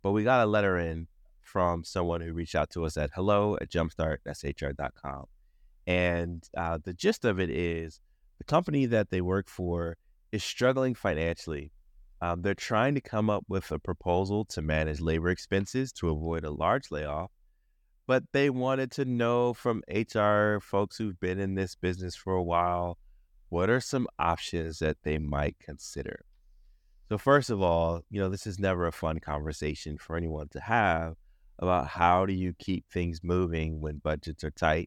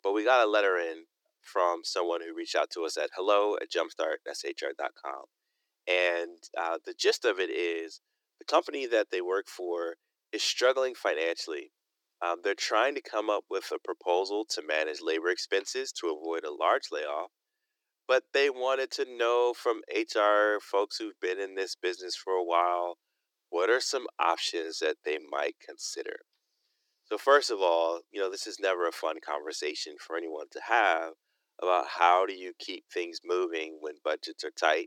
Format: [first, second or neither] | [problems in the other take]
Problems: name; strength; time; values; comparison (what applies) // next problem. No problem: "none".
first | thin; very; fading below 300 Hz